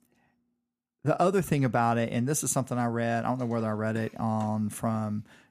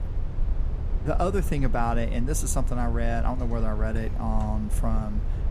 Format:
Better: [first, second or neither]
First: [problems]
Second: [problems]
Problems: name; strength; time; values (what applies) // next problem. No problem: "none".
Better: first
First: none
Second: low rumble; noticeable; throughout; 15 dB below the speech